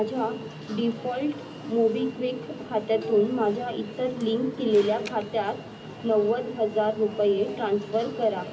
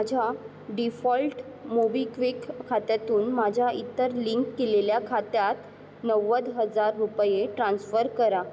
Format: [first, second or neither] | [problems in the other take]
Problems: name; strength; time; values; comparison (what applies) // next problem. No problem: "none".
second | background sound (Alarm); 16 dB below the speech // room echo; dies away in 0.4 s